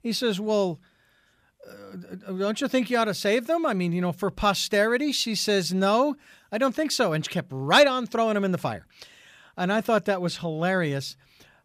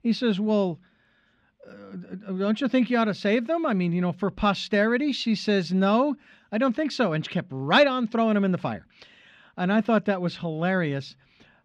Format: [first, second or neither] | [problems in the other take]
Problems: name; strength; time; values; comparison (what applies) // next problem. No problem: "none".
first | muffled; very slightly; fading above 3 kHz